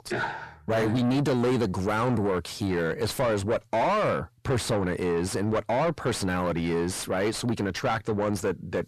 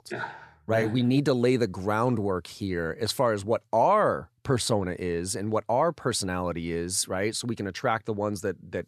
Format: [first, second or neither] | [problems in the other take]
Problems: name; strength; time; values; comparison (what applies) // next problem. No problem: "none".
second | distortion; heavy; 6 dB below the speech